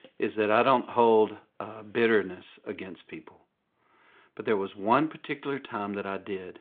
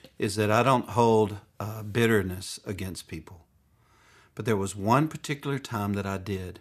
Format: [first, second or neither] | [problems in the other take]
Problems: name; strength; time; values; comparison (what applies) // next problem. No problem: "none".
second | phone-call audio; nothing above 3.5 kHz